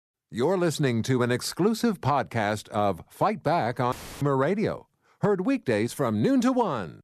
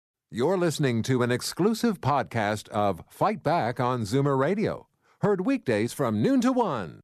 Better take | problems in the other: second | audio cutting out; filled with static; at 4 s

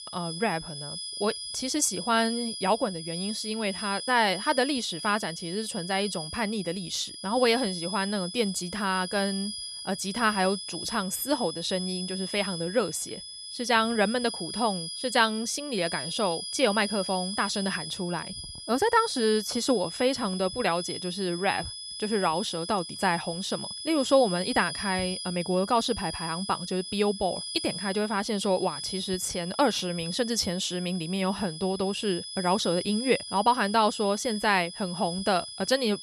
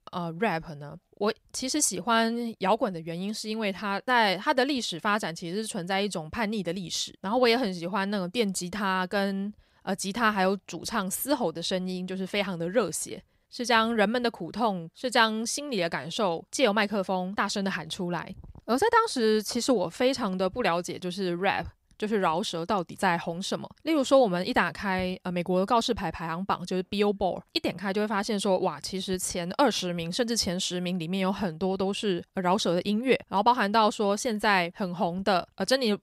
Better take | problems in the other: second | high-pitched whine; loud; throughout; 5 kHz, 7 dB below the speech

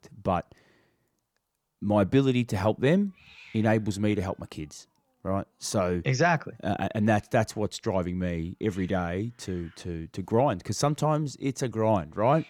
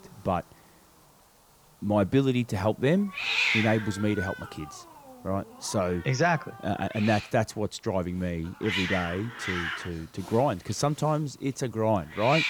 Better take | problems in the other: first | hiss; loud; throughout; 3 dB below the speech; faint in the first

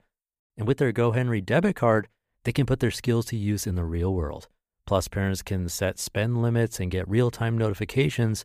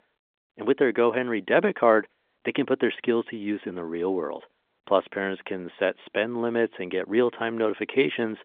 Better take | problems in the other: first | phone-call audio; nothing above 3.5 kHz

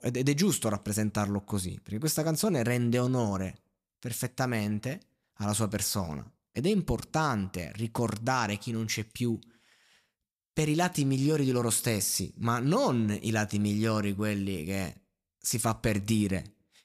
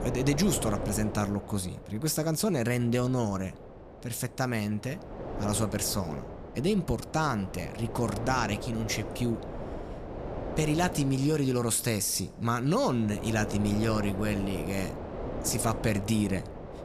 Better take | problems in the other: first | wind noise on the microphone; heavy; 9 dB below the speech

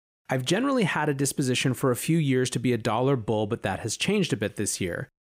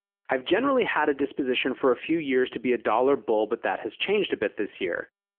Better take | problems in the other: first | phone-call audio; nothing above 3 kHz

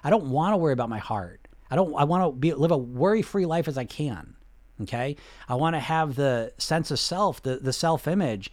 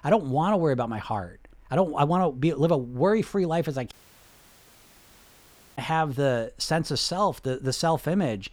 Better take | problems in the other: first | audio cutting out; at 4 s for 2 s

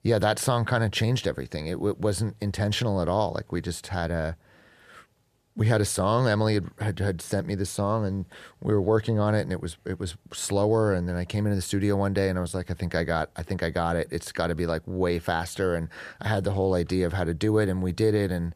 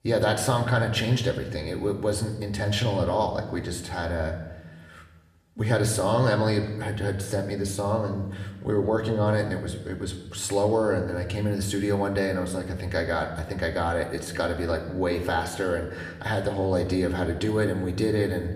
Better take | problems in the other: first | room echo; slight; dies away in 0.9 s // off-mic speech; somewhat distant

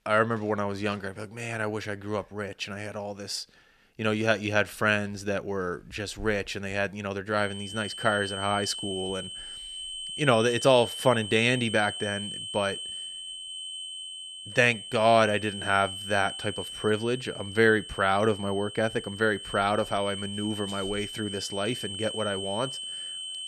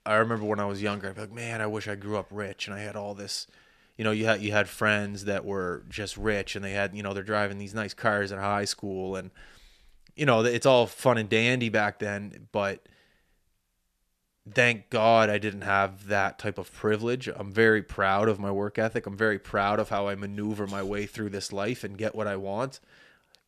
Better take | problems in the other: second | high-pitched whine; loud; from 7.5 s on; 3 kHz, 8 dB below the speech

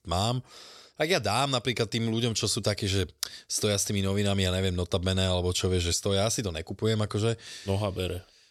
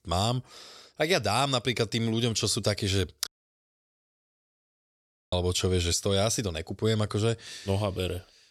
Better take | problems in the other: first | audio cutting out; at 3.5 s for 2 s

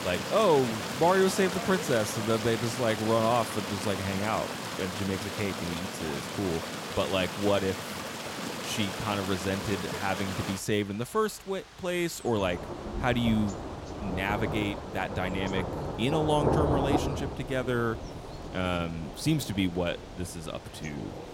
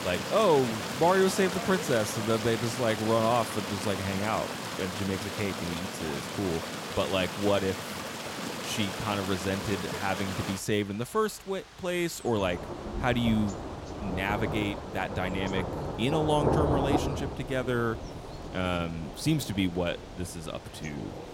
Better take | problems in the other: neither | rain or running water; loud; throughout; 5 dB below the speech; the same in both

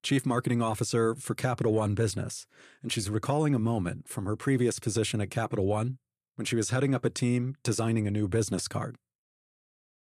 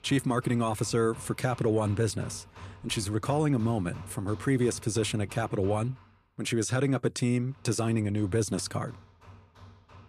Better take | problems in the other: first | machinery noise; faint; throughout; 20 dB below the speech

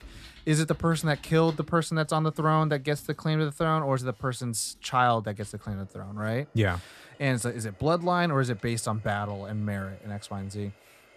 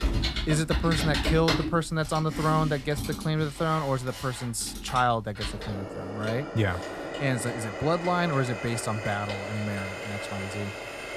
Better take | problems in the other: first | household noises; loud; throughout; 5 dB below the speech; faint in the first

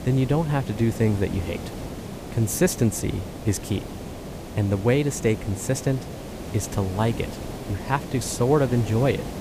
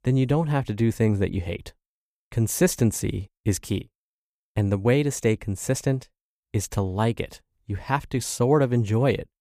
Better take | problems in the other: second | hiss; noticeable; throughout; 10 dB below the speech

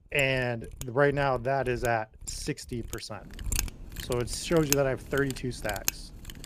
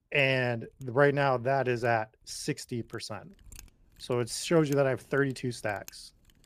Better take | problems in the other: second | machinery noise; loud; throughout; 7 dB below the speech; faint in the second

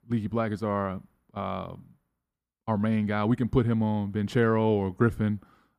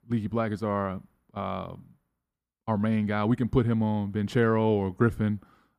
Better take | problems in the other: neither | none

